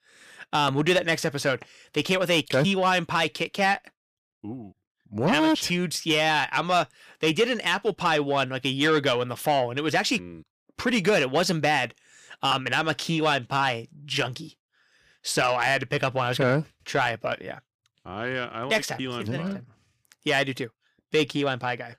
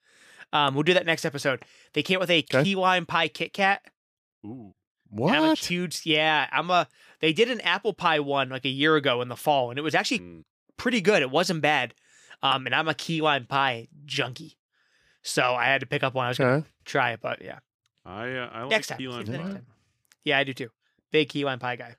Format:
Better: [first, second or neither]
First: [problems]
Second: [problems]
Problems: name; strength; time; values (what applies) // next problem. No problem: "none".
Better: second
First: distortion; slight; 10 dB below the speech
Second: none